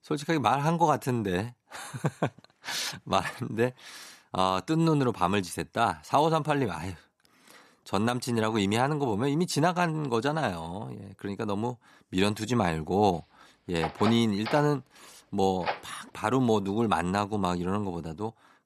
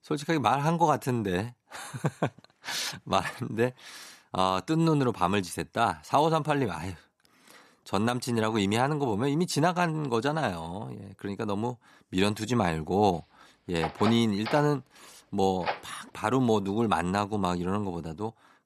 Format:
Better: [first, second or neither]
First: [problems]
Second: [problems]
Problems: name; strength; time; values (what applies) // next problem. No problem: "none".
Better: neither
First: door banging; noticeable; from 14 to 16 s; peak 6 dB below the speech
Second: door banging; noticeable; from 14 to 16 s; peak 6 dB below the speech